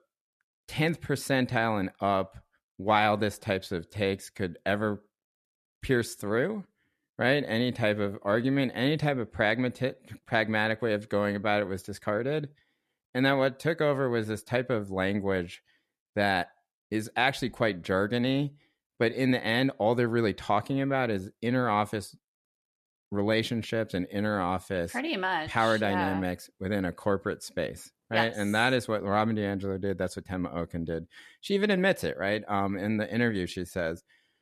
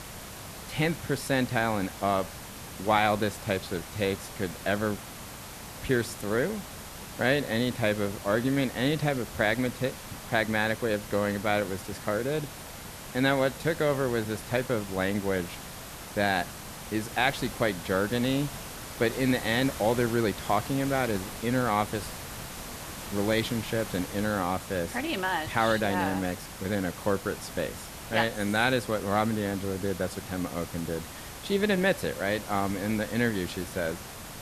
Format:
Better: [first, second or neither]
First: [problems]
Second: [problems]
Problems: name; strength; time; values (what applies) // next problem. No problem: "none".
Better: first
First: none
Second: hiss; noticeable; throughout; 10 dB below the speech